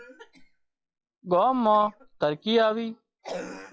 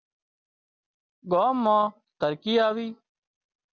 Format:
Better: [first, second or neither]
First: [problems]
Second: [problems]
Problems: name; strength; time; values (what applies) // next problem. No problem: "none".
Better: second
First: noise reduction (classical method log-MMSE)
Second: none